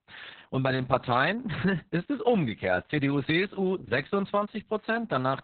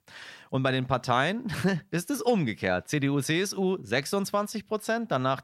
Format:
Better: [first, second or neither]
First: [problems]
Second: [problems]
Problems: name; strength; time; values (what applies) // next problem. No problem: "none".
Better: second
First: garbled, watery; badly; nothing above 4 kHz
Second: none